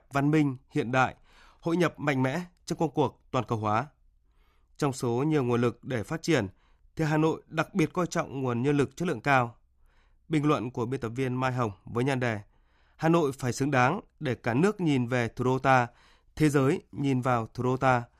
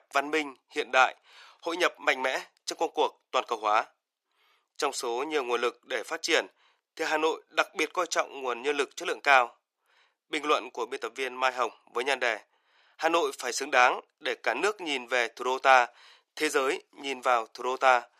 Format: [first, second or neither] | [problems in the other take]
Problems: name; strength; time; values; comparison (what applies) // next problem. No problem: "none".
first | thin; very; fading below 450 Hz